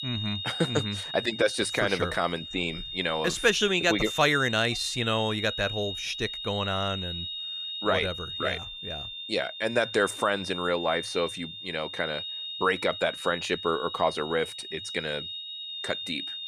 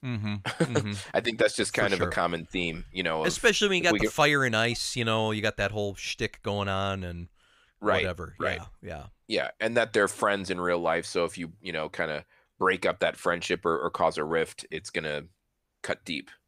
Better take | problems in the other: second | high-pitched whine; loud; throughout; 3.5 kHz, 6 dB below the speech

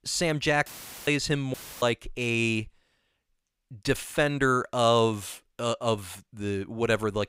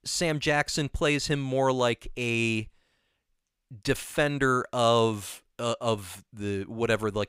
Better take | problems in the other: second | audio cutting out; filled with static; at 0.5 s and at 1.5 s

